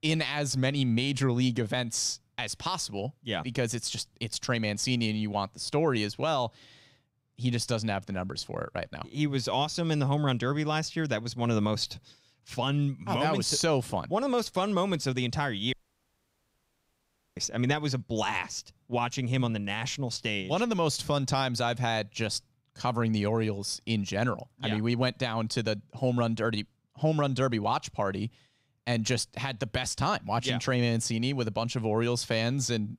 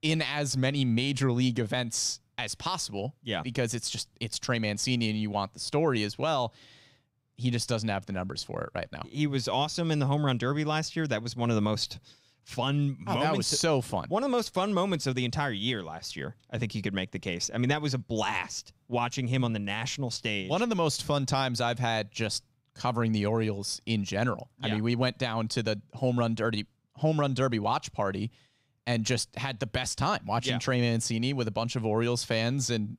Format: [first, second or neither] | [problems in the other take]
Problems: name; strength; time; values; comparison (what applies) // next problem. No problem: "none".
second | audio cutting out; at 16 s for 1.5 s